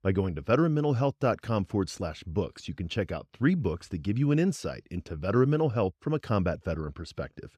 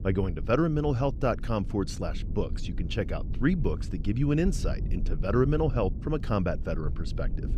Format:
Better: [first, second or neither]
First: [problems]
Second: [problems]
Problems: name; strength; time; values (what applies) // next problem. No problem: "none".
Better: first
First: none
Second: low rumble; noticeable; throughout; 15 dB below the speech